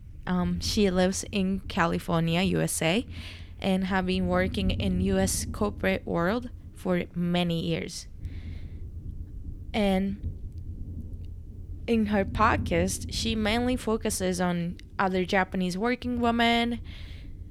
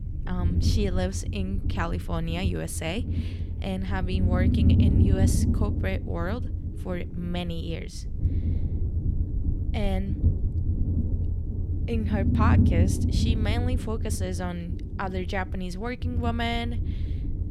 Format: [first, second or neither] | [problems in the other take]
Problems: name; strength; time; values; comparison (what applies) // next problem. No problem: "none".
first | low rumble; loud; throughout; 5 dB below the speech; faint in the first